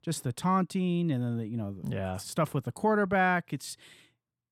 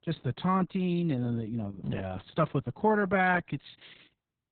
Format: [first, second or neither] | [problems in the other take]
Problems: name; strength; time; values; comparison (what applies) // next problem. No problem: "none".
first | garbled, watery; badly; nothing above 4 kHz